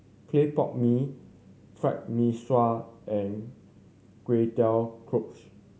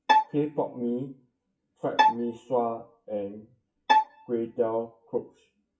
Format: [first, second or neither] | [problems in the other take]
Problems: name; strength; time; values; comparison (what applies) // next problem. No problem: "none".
first | noise reduction (classical method WPE with log-MMSE)